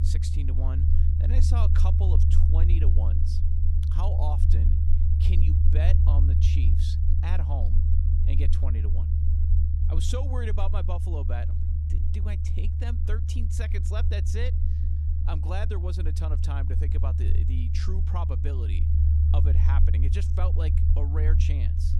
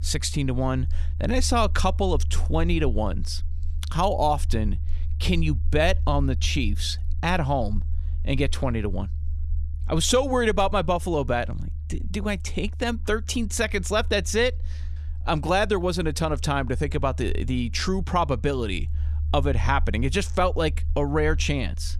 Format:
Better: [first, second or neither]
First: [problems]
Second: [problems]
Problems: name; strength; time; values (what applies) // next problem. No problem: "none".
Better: second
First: low rumble; loud; throughout; 1 dB below the speech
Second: low rumble; faint; throughout; 25 dB below the speech